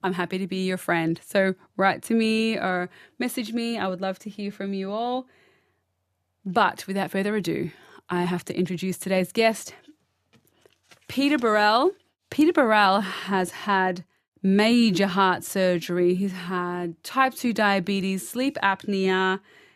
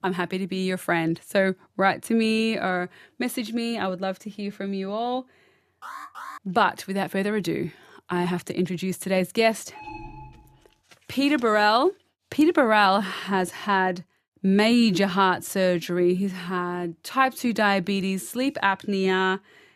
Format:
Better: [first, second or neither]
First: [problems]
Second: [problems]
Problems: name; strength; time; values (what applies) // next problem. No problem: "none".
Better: first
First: none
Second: alarm; faint; at 6 s and at 9.5 s; peak 15 dB below the speech